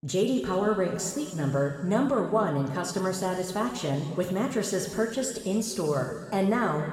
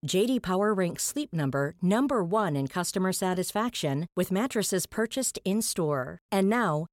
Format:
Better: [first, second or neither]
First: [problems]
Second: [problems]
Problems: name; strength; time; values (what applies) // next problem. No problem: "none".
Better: second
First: room echo; noticeable; dies away in 1.9 s // off-mic speech; somewhat distant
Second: none